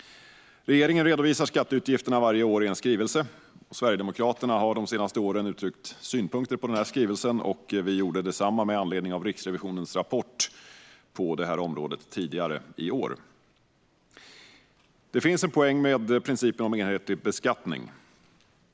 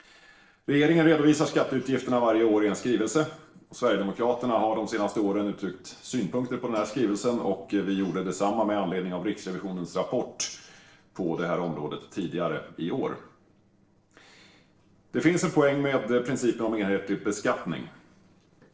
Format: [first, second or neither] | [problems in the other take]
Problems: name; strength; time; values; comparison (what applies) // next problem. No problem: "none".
first | noise reduction (neural separator model SepFormer DNS4)